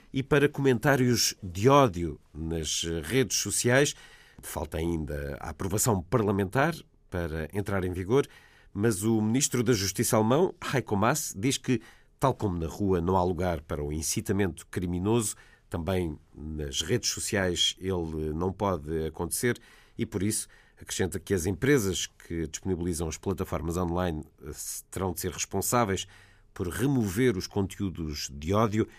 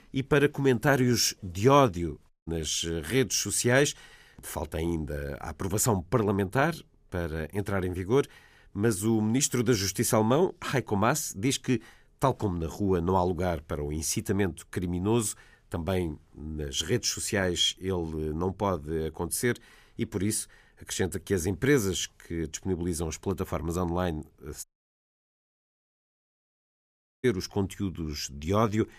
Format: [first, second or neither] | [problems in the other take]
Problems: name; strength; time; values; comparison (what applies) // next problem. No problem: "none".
first | audio cutting out; at 2.5 s and at 25 s for 2.5 s